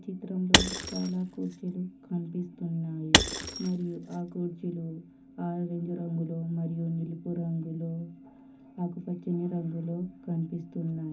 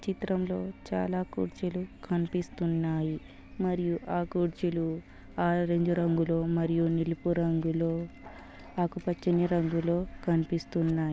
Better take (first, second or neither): second